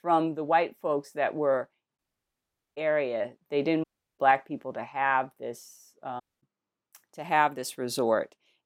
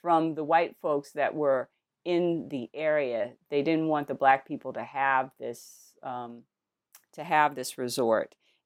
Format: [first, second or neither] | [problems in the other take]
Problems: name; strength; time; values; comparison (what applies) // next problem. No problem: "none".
second | audio cutting out; at 2 s for 1 s, at 4 s and at 6 s